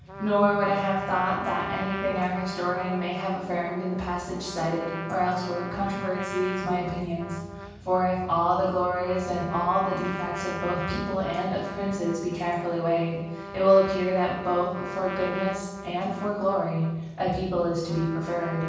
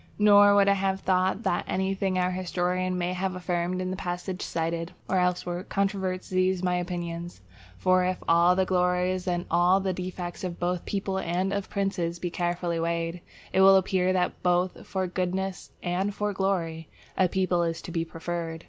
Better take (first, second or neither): second